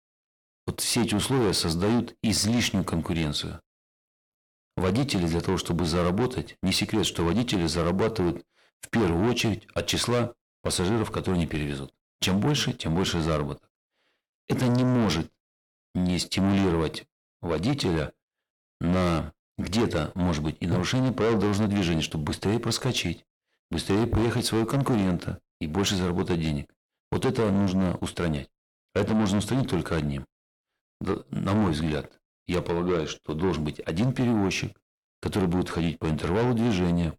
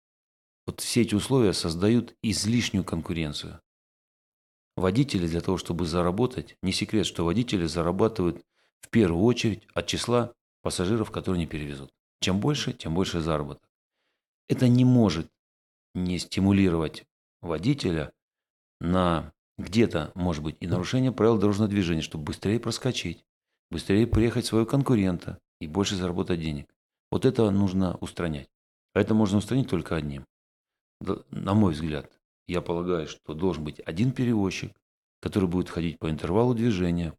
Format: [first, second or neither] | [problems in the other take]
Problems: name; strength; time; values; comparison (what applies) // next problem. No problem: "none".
second | distortion; heavy; 6 dB below the speech